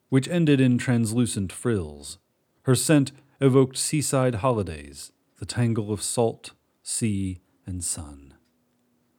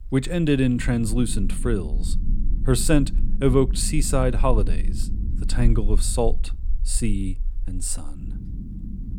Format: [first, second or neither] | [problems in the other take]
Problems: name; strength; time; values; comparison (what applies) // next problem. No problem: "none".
first | low rumble; noticeable; throughout; 20 dB below the speech